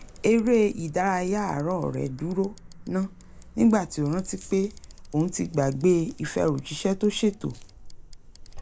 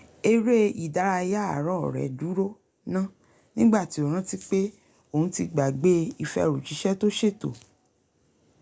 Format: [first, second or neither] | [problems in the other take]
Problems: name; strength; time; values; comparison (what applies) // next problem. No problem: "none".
second | background sound (Bicycle); 18 dB below the speech